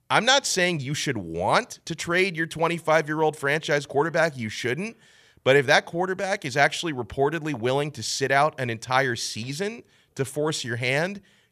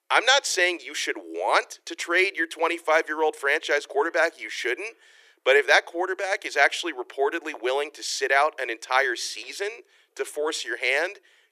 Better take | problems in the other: first | thin; very; fading below 350 Hz

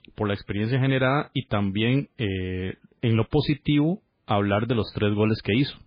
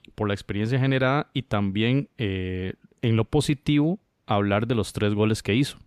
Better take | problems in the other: second | garbled, watery; badly; nothing above 4.5 kHz

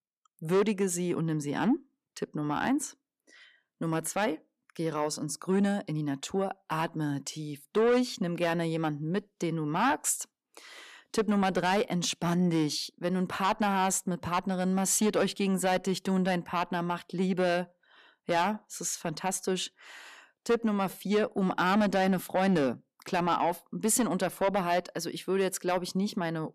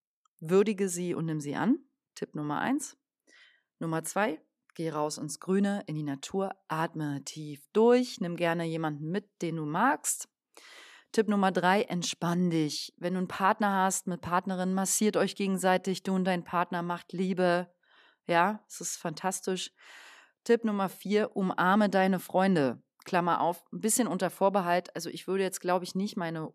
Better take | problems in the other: second | distortion; slight; 10 dB below the speech

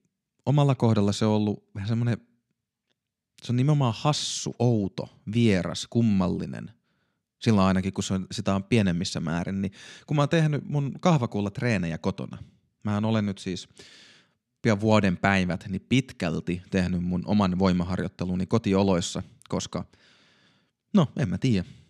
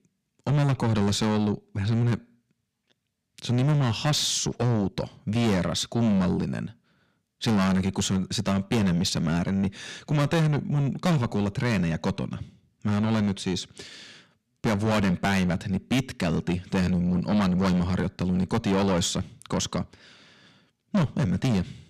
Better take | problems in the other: first | distortion; heavy; 6 dB below the speech

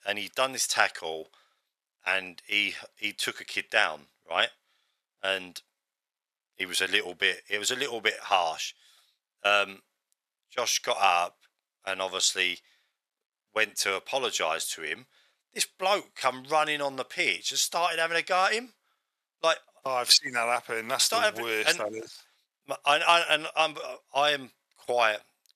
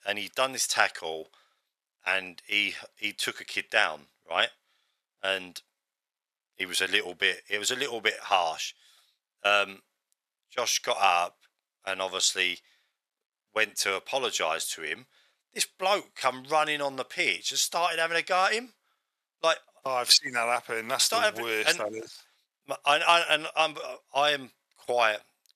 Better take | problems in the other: neither | thin; very; fading below 900 Hz; the same in both

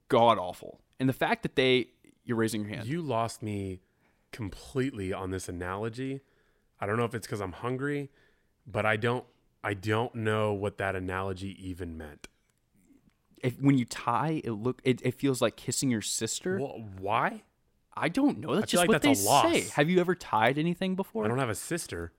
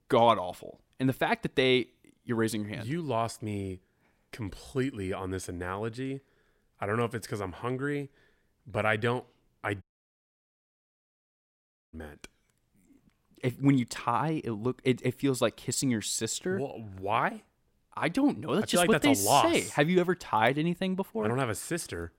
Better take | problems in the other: first | audio cutting out; at 10 s for 2 s

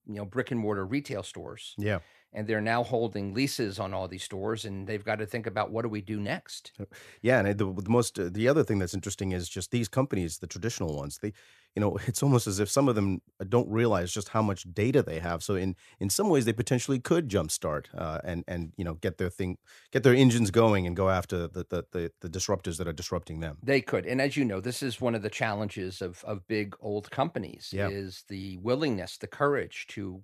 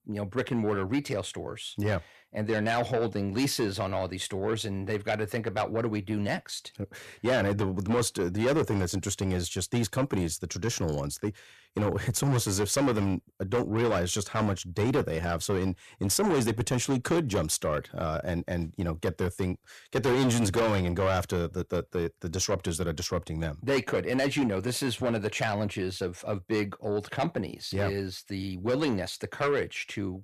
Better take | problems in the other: first | distortion; heavy; 6 dB below the speech

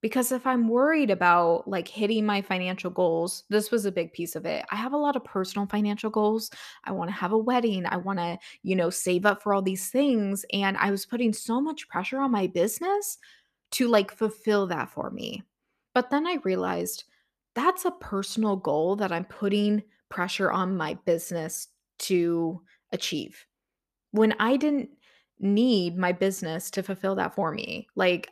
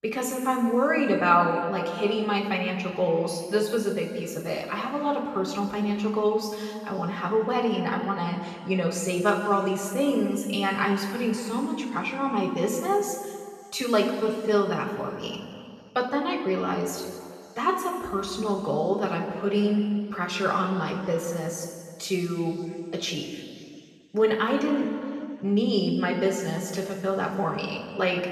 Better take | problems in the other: first | room echo; noticeable; dies away in 2.2 s // off-mic speech; far

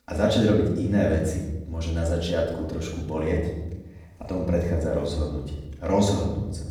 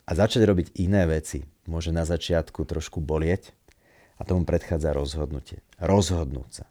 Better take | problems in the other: second | off-mic speech; far // room echo; noticeable; dies away in 0.9 s

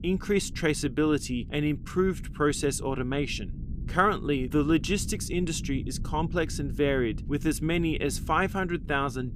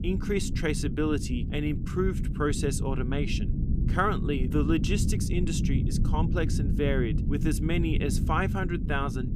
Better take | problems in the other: first | low rumble; loud; throughout; 8 dB below the speech; faint in the first

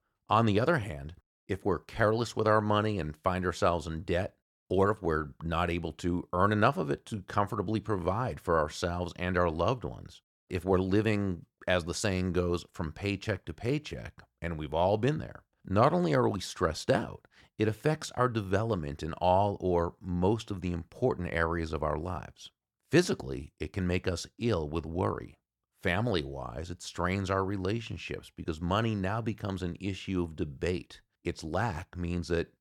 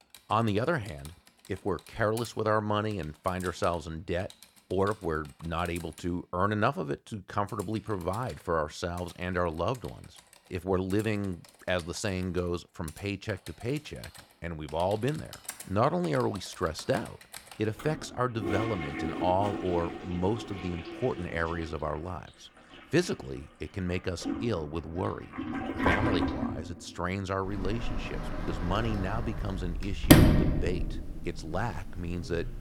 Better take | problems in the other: first | household noises; very loud; throughout; 1 dB above the speech

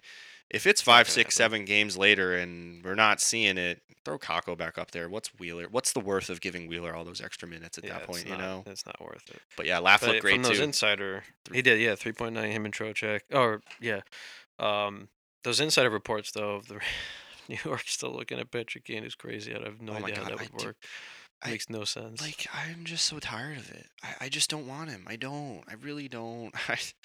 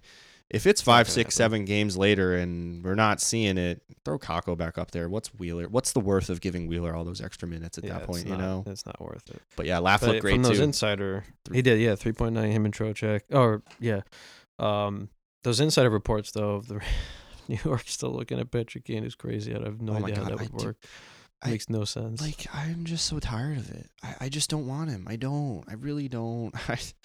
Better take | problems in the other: second | thin; somewhat; fading below 1 kHz

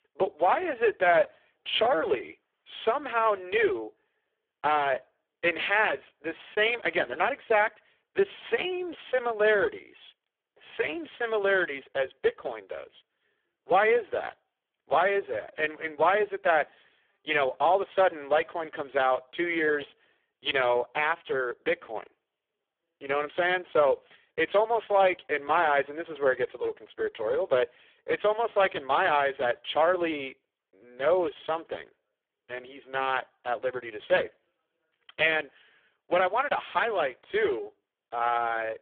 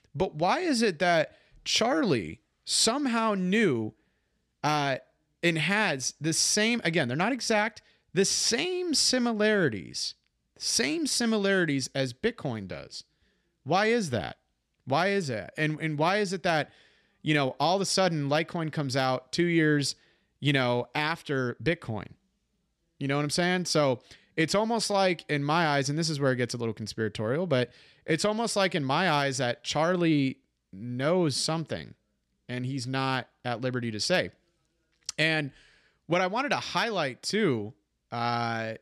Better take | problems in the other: second | phone-call audio; poor line

